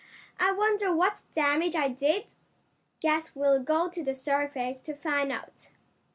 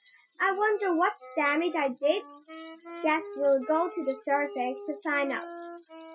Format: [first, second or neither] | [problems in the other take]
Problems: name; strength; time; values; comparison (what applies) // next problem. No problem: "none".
first | noise reduction (classical method Wiener filter)